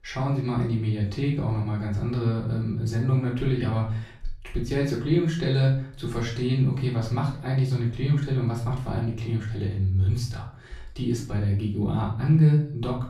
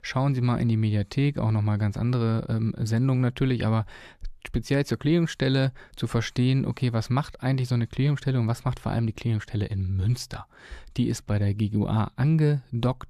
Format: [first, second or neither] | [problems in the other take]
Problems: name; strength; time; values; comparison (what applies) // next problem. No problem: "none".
second | off-mic speech; far // room echo; slight; dies away in 0.4 s